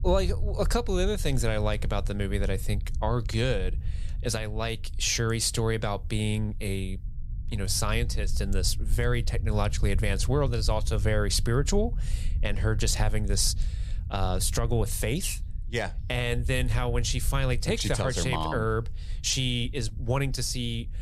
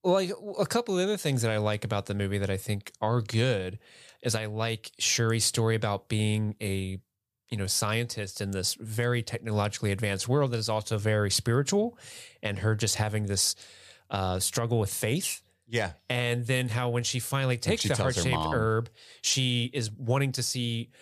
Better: second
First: low rumble; faint; throughout; 20 dB below the speech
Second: none

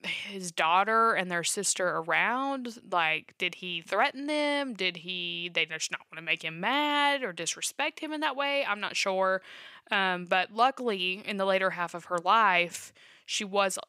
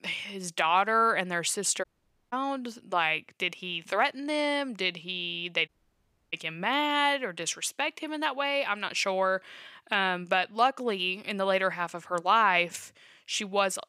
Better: first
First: none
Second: audio cutting out; at 2 s and at 5.5 s for 0.5 s

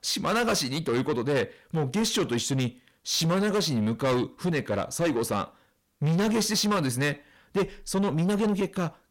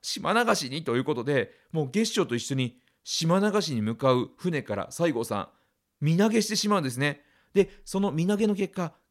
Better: second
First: distortion; heavy; 7 dB below the speech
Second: none

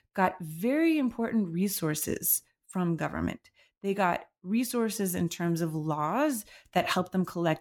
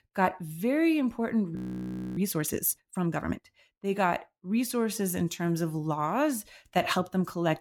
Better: first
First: none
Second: audio freezing; at 1.5 s for 0.5 s

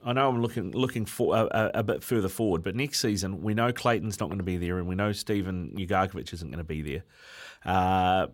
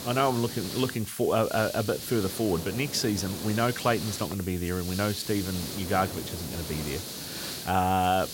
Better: first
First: none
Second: hiss; loud; throughout; 8 dB below the speech

